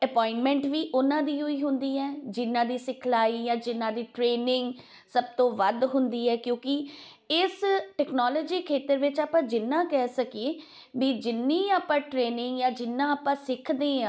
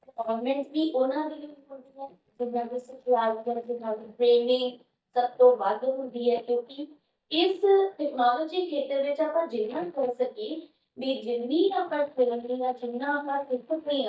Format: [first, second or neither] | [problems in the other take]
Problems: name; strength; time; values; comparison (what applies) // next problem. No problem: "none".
first | noise reduction (neural mask model DeepFilterNet 3)